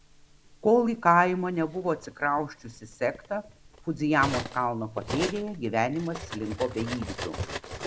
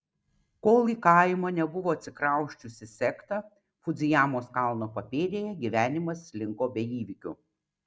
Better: second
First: background sound (Cutlery, silverware); 11 dB below the speech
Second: none

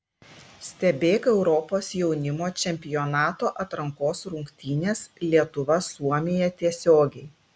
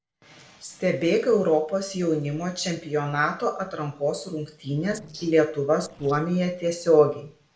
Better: first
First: none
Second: noise reduction (neural separator model SepFormer DNS4)

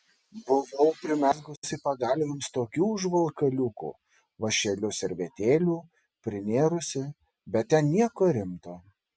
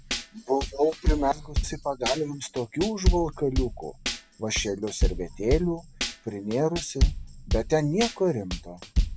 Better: first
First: none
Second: background sound (Tambourine / Drum / Drum kit); 1 dB below the speech

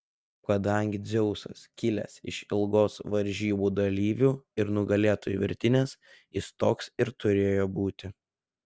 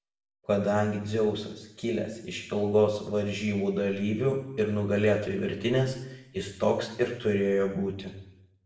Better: first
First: none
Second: room echo; dies away in 0.8 s

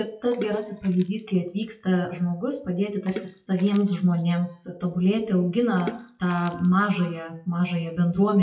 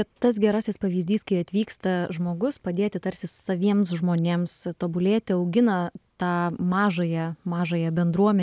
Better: second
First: noise reduction (classical method WPE with log-MMSE)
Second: none

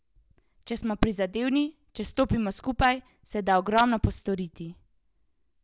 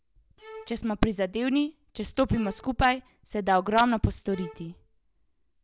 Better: first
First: none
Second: background sound (Bowed string instrument); 20 dB below the speech

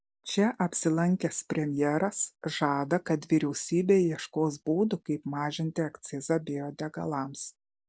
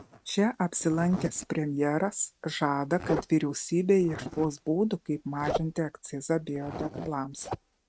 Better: first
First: none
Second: noise reduction (neural mask model RNNoise)

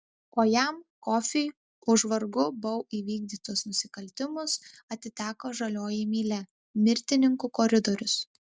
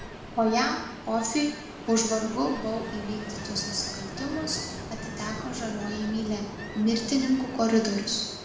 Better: first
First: none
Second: background sound (Ocean); 10 dB below the speech // room echo; dies away in 0.9 s

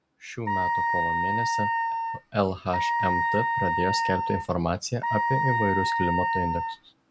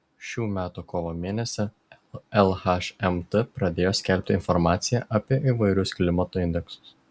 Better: second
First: background sound (Wind instrument, woodwind instrument); 3 dB above the speech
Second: none

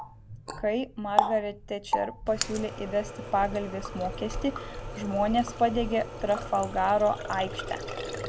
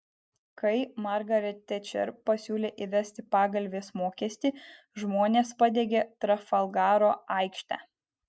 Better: second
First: background sound (Water tap, faucet); 5 dB below the speech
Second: none

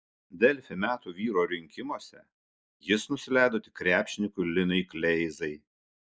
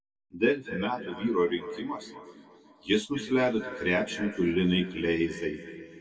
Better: first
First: none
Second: room echo; dies away in 2.5 s

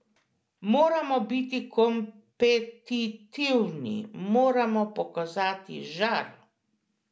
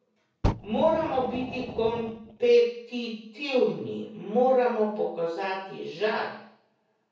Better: first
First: none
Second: background sound (Fire); 8 dB below the speech // room echo; dies away in 0.6 s

